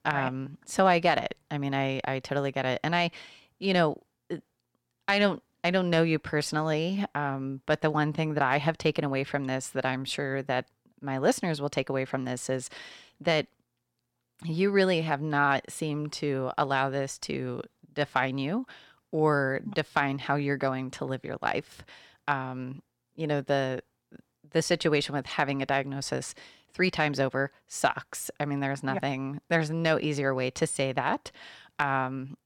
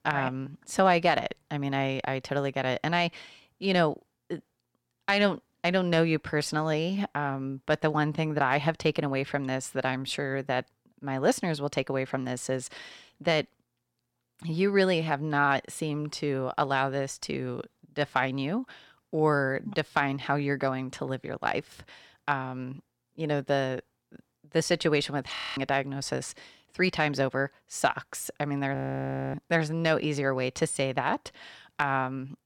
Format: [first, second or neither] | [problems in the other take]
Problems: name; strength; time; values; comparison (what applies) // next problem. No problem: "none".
first | audio freezing; at 25 s and at 29 s for 0.5 s